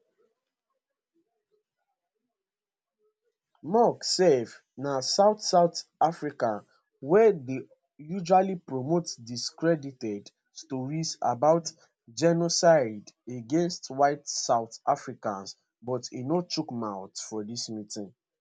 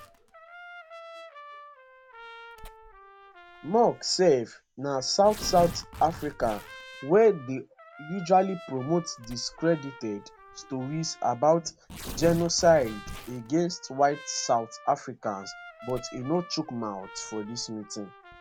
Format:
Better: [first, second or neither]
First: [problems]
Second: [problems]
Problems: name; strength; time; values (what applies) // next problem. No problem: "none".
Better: first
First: none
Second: background sound (Trumpet + Tearing); 16 dB below the speech